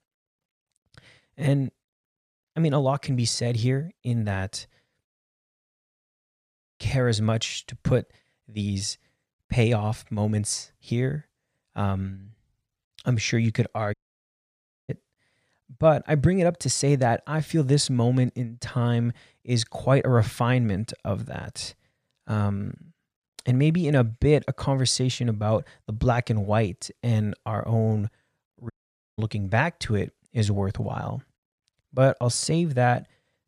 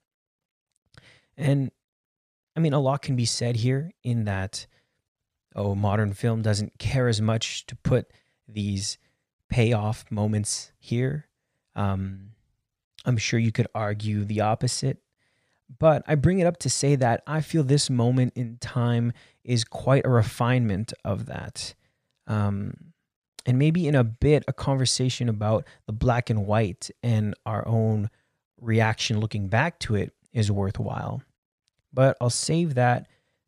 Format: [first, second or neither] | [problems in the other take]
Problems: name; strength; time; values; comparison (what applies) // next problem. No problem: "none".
second | audio cutting out; at 5 s for 1.5 s, at 14 s for 1 s and at 29 s